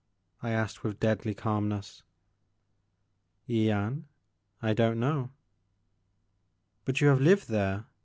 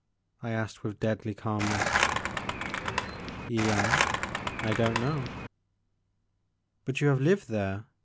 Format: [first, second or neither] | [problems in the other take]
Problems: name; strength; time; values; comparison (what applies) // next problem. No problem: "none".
first | background sound (Skateboard); 1 dB above the speech